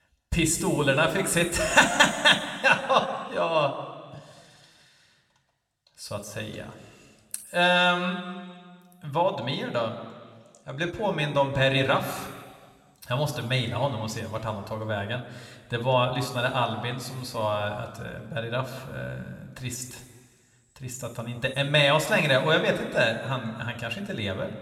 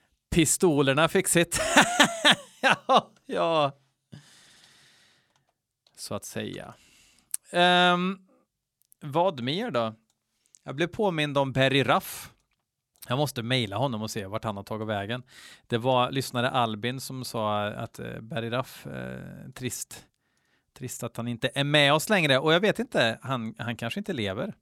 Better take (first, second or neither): second